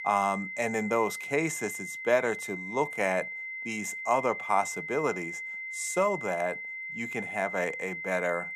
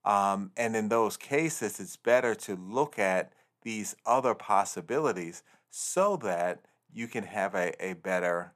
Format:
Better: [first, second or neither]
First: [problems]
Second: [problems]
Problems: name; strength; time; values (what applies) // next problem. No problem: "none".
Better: second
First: high-pitched whine; loud; throughout; 2 kHz, 6 dB below the speech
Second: none